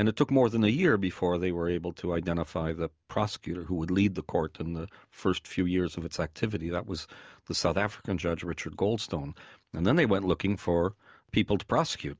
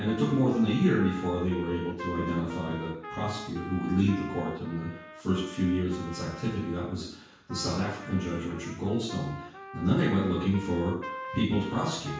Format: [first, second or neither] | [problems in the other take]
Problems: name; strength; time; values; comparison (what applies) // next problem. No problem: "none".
first | background sound (Trumpet); 13 dB below the speech // room echo; dies away in 0.6 s